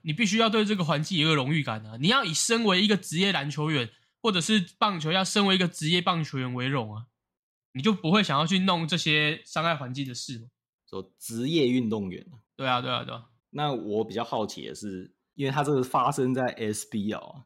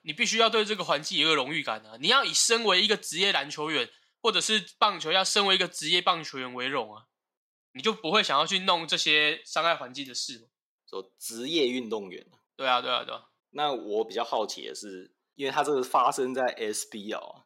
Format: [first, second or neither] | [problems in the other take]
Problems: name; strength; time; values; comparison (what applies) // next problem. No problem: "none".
first | thin; somewhat; fading below 450 Hz